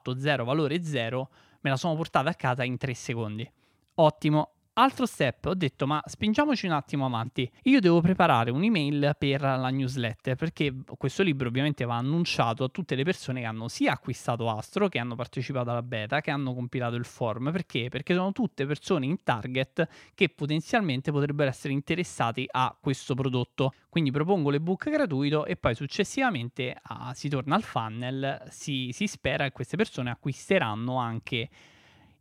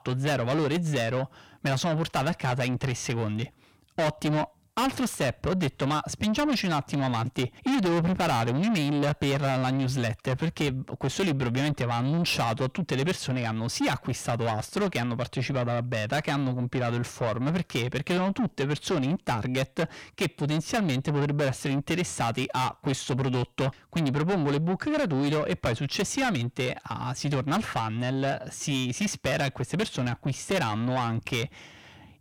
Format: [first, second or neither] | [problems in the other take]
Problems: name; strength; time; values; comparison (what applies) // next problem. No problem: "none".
first | distortion; heavy; 6 dB below the speech